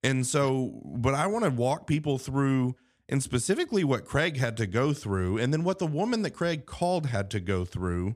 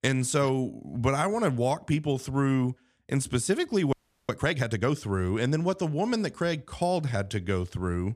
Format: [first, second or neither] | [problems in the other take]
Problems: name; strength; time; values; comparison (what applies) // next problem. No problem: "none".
first | audio freezing; at 4 s